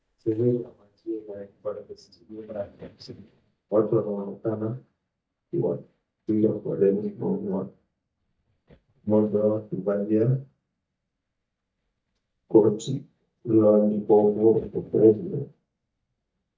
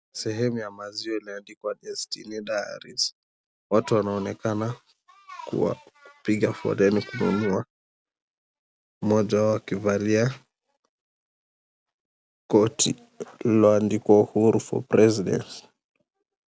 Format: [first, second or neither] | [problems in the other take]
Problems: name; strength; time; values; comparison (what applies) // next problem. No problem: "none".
second | noise reduction (neural mask model DeepFilterNet 3)